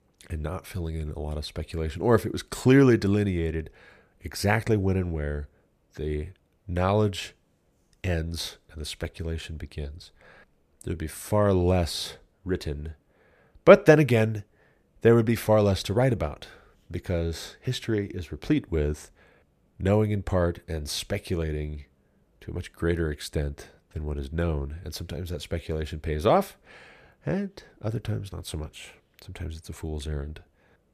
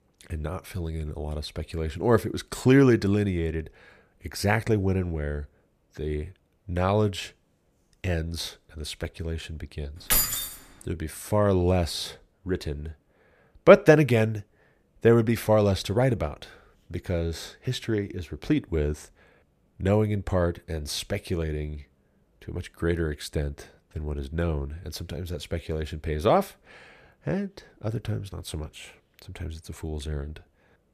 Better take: first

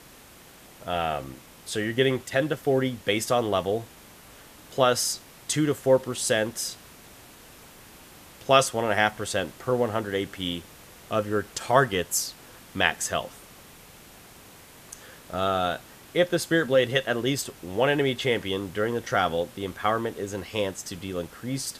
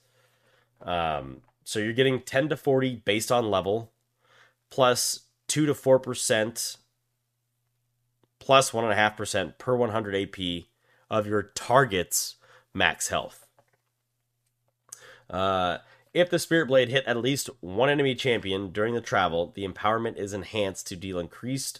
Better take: second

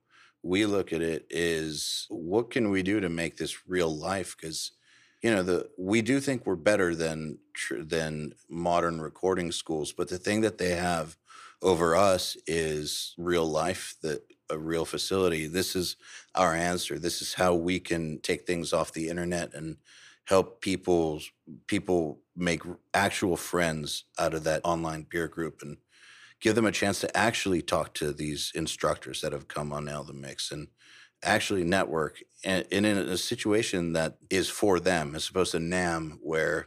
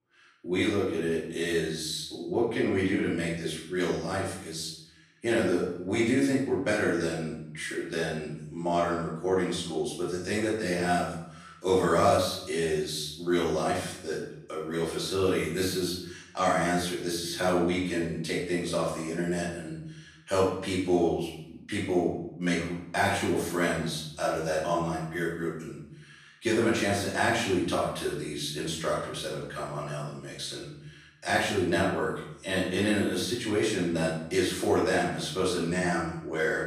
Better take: first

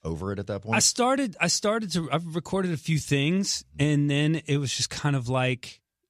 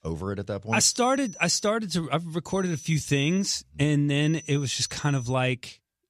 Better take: first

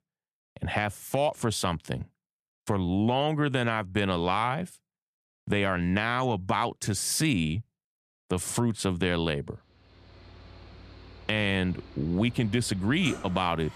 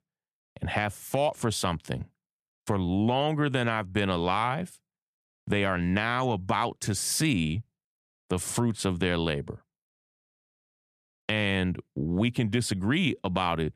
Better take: second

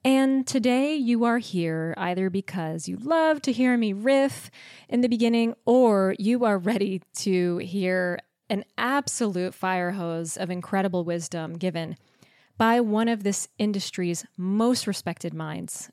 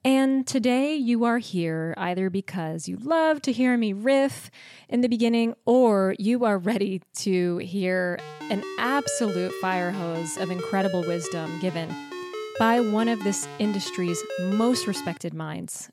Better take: first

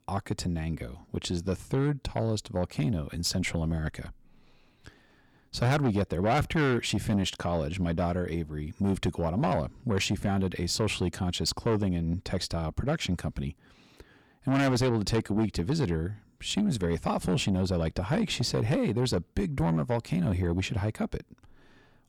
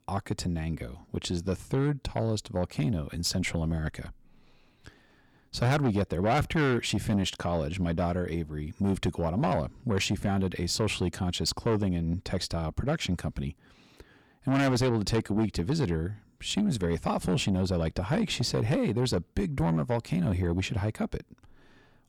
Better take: neither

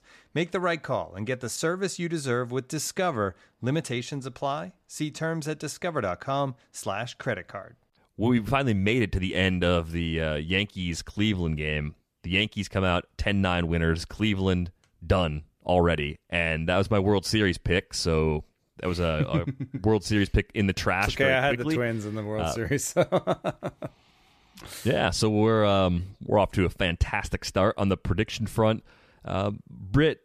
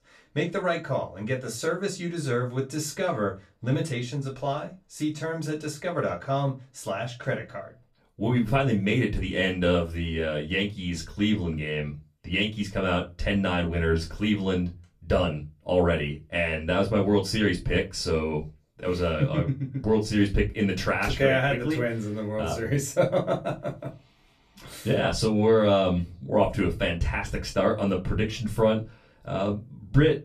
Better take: first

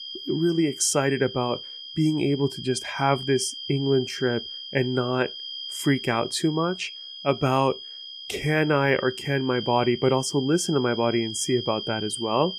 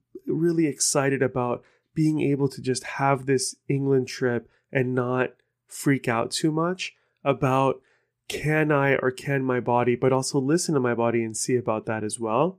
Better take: second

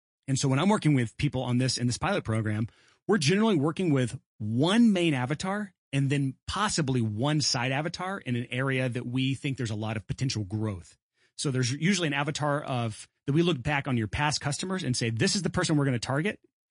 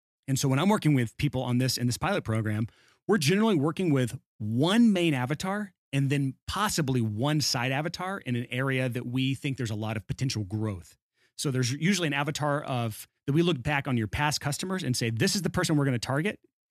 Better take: second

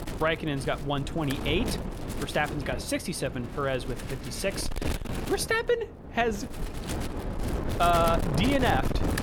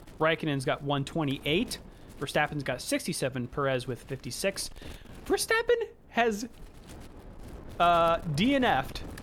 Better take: second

